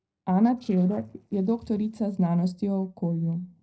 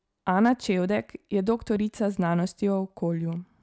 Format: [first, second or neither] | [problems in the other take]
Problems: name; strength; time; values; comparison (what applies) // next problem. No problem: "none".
second | noise reduction (neural separator model SepFormer DNS4)